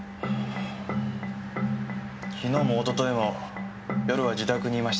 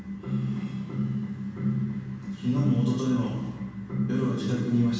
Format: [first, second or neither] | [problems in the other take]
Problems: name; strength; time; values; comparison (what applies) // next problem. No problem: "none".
first | room echo; dies away in 1.2 s